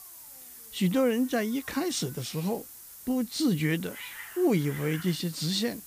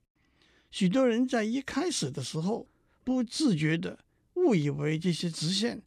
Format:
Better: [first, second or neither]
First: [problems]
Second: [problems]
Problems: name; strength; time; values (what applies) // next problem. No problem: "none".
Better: second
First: hiss; noticeable; throughout; 15 dB below the speech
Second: none